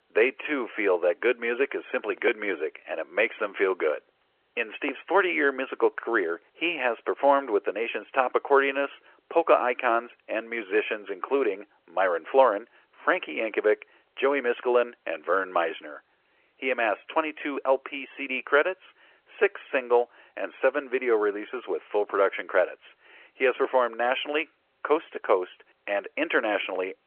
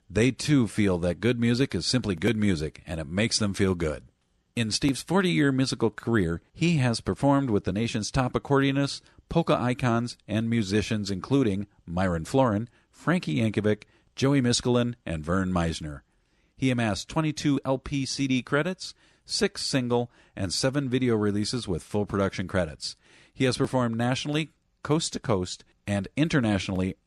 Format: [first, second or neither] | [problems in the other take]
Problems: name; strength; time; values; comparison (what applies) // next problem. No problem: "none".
second | phone-call audio